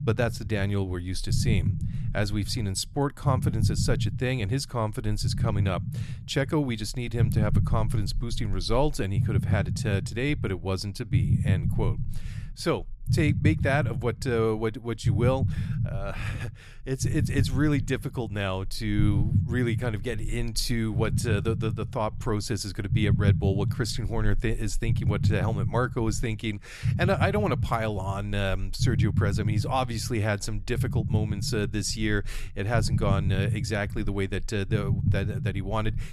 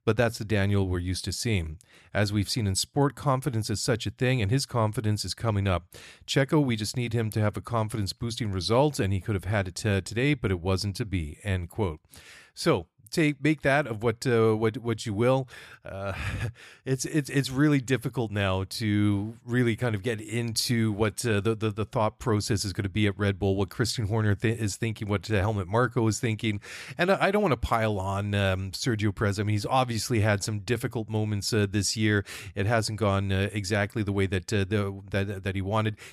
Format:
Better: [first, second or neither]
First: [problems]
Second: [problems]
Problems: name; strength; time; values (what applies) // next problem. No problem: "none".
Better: second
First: low rumble; noticeable; throughout; 10 dB below the speech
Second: none